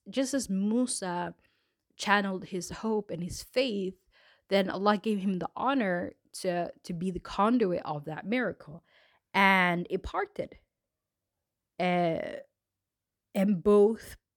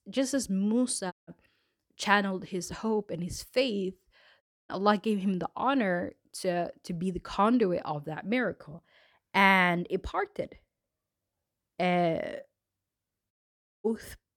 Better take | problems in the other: first | audio cutting out; at 1 s, at 4.5 s and at 13 s for 0.5 s

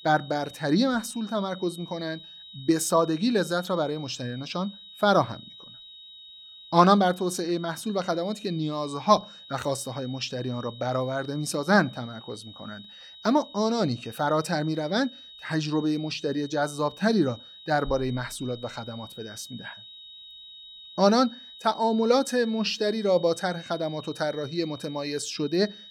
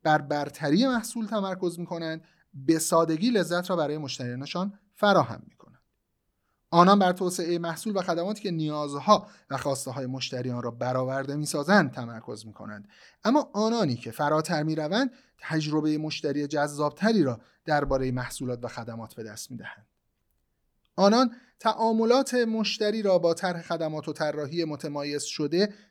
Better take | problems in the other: second | high-pitched whine; noticeable; throughout; 4 kHz, 15 dB below the speech

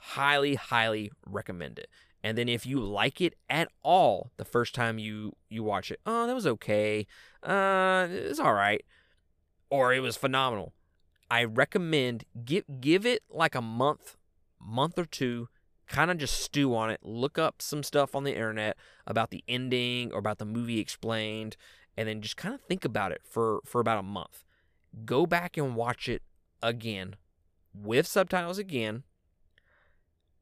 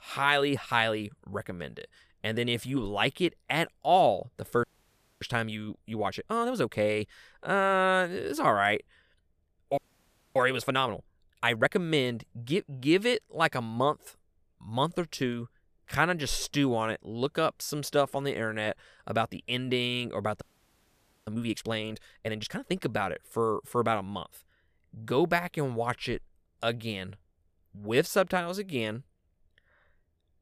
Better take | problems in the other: first | audio freezing; at 4.5 s for 0.5 s, at 10 s for 0.5 s and at 20 s for 1 s

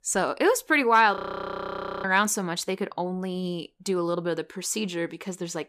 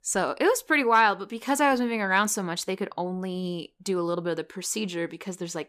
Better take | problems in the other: second | audio freezing; at 1 s for 1 s

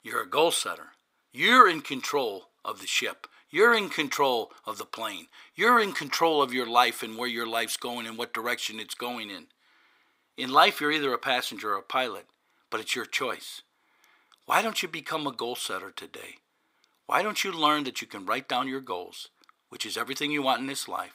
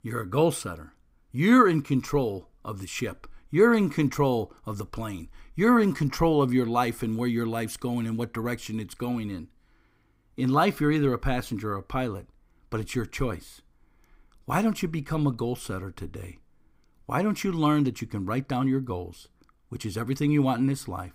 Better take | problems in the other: second | thin; very; fading below 600 Hz

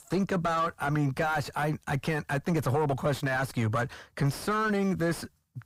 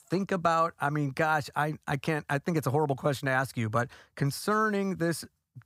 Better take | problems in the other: second | distortion; heavy; 7 dB below the speech

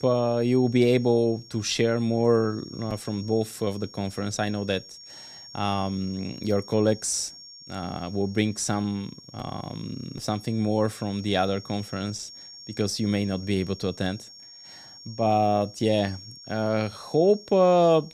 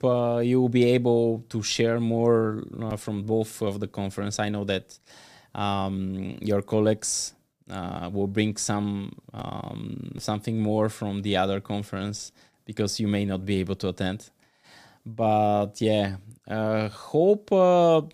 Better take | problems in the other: second | high-pitched whine; noticeable; throughout; 5.5 kHz, 20 dB below the speech

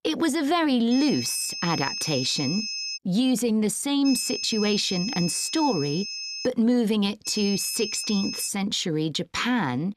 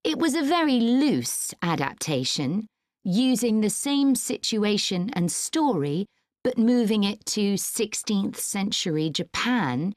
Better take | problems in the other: second | high-pitched whine; loud; from 1 to 3 s, from 4 to 6.5 s and from 7.5 to 8.5 s; 5 kHz, 6 dB below the speech

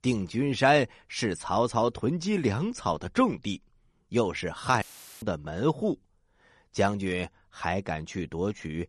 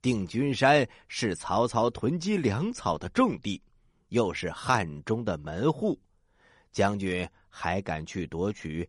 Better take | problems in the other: second | audio cutting out; filled with static; at 5 s

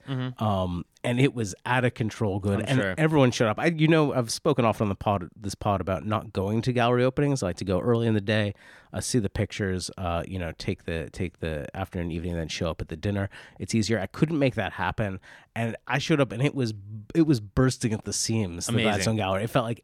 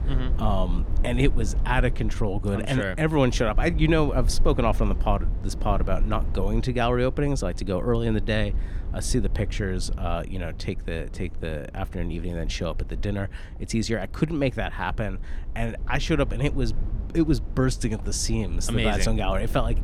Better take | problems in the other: first | low rumble; noticeable; throughout; 20 dB below the speech

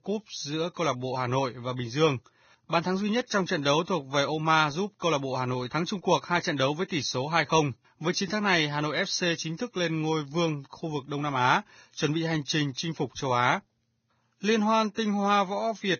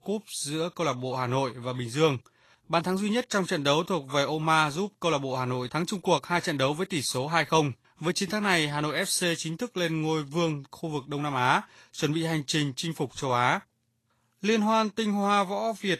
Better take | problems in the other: second | garbled, watery; badly; nothing above 6.5 kHz; slightly in the second

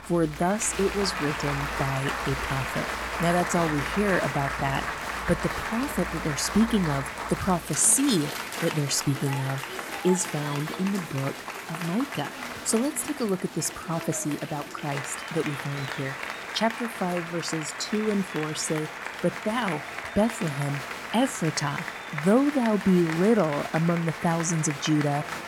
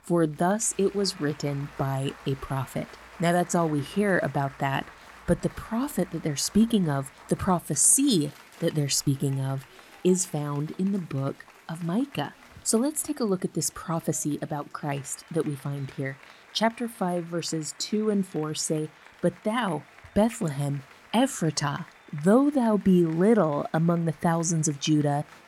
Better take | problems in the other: second | crowd noise; loud; throughout; 6 dB below the speech; faint in the second

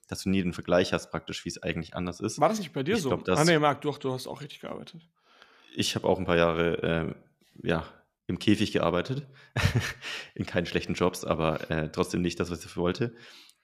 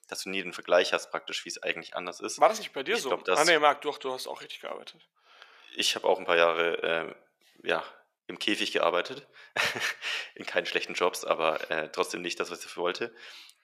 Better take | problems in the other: first | thin; very; fading below 550 Hz

